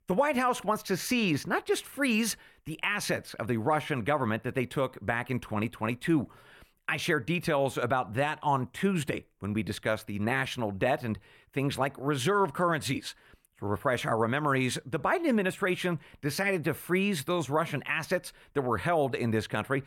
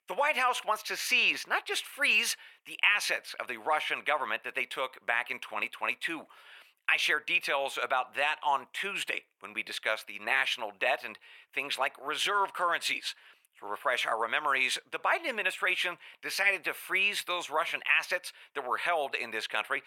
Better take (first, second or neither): first